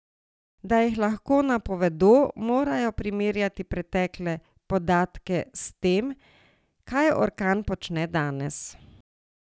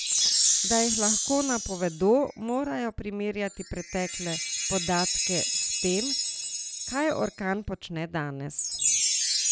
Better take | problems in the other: first | background sound (Chime); 1 dB above the speech

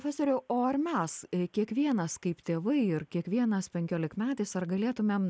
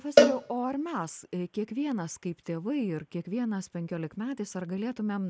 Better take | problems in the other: first | background sound (Cowbell); 4 dB above the speech

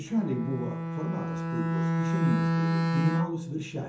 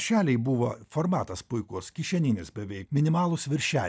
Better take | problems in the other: second | background sound (Bowed string instrument); 4 dB above the speech // room echo; dies away in 0.5 s

